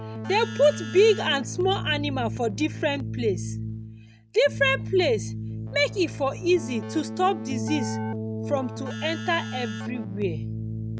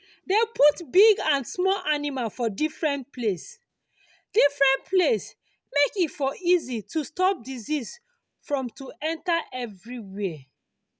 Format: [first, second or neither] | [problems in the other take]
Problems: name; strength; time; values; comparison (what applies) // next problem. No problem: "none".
second | background sound (Keyboard (musical)); 6 dB below the speech